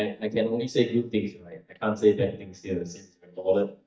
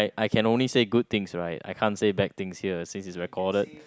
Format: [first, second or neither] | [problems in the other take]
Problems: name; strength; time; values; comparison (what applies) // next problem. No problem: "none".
second | noise reduction (neural mask model DeepFilterNet 3)